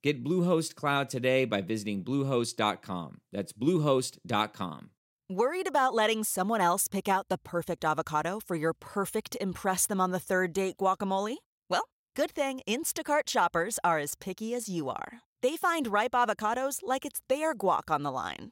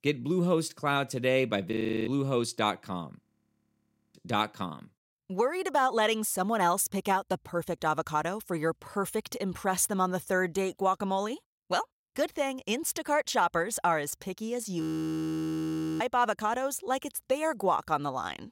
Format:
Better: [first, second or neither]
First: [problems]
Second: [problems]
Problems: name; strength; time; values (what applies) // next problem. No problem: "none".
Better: first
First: none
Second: audio freezing; at 1.5 s, at 3 s for 1 s and at 15 s for 1 s